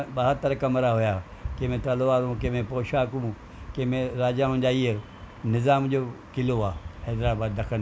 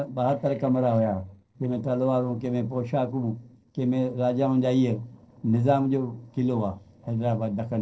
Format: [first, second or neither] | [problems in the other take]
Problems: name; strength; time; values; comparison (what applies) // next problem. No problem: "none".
first | noise reduction (neural separator model SepFormer DNS4)